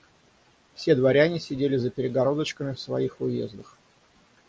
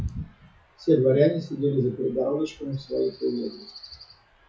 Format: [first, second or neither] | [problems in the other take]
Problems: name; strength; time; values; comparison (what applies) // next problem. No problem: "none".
first | noise reduction (classical method WPE with log-MMSE)